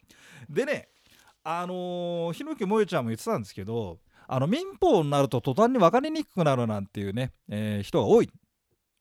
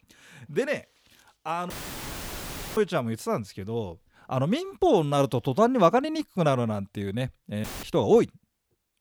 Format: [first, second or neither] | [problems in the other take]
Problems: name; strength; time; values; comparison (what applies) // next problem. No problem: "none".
first | audio cutting out; filled with static; at 1.5 s for 1 s and at 7.5 s